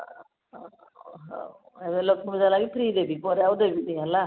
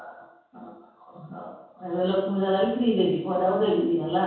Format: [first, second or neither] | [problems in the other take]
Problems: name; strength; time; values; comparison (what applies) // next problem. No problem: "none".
first | room echo; dies away in 0.6 s